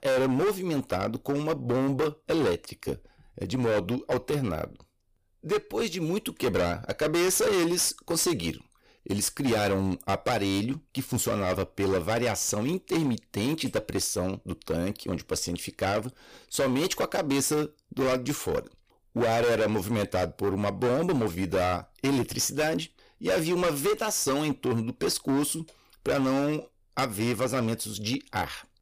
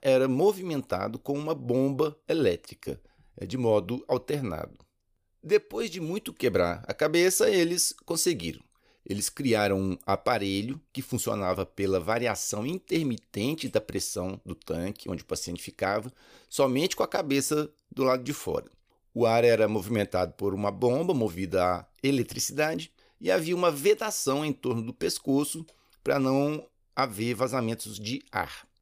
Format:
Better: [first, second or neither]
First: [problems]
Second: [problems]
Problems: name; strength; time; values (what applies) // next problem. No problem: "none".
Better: second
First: distortion; heavy; 14% of the sound clipped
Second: none